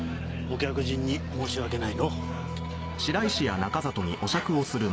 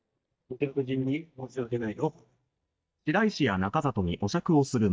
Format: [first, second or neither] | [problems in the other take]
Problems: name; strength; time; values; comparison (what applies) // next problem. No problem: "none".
first | noise reduction (neural mask model DeepFilterNet 3)